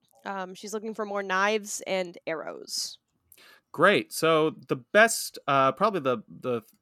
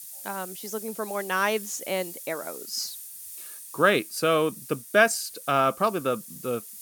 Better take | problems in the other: first | hiss; noticeable; throughout; 10 dB below the speech

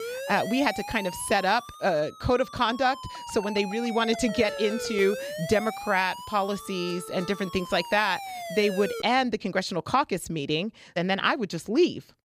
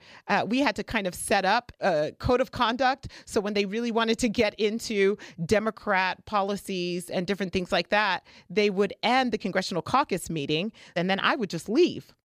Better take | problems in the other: second | siren; noticeable; until 9 s; peak 7 dB below the speech

